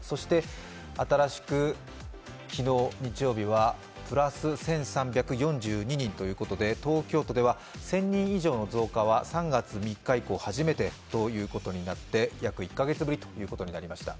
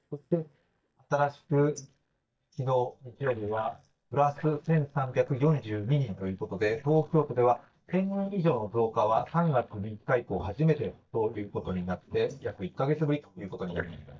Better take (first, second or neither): first